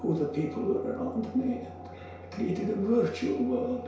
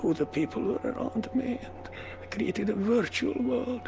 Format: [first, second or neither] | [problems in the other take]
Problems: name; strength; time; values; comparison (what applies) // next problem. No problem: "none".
second | room echo; dies away in 0.6 s